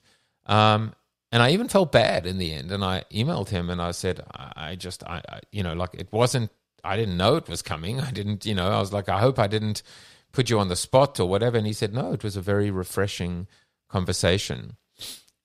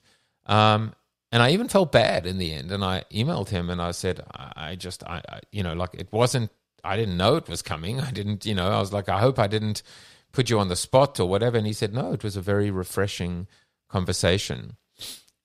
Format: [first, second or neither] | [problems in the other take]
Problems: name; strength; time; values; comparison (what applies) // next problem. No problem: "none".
neither | none